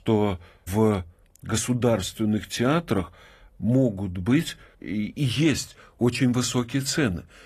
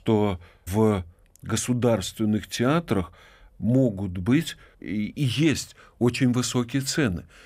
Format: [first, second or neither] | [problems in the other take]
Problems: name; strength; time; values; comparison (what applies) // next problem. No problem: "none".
second | garbled, watery; slightly; nothing above 14.5 kHz